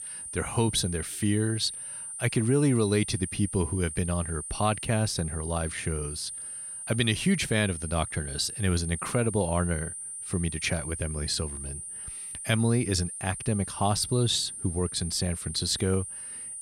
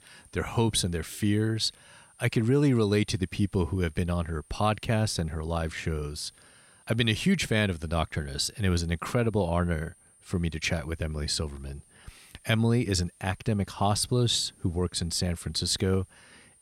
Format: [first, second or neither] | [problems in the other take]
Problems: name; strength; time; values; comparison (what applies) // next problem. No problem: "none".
second | high-pitched whine; loud; throughout; 9 kHz, 7 dB below the speech; faint in the second